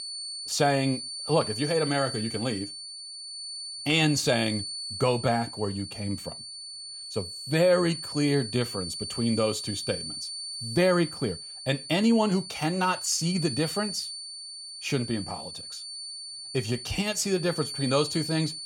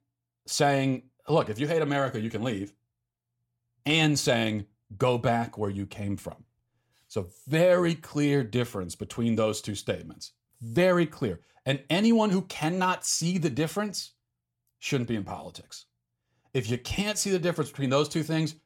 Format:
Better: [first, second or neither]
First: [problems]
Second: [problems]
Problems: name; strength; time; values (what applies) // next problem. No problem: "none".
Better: second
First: high-pitched whine; loud; throughout; 4.5 kHz, 7 dB below the speech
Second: none